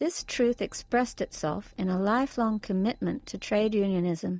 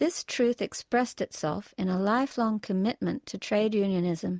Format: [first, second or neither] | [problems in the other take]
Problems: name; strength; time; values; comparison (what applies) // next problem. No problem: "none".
second | noise reduction (neural mask model DeepFilterNet 3)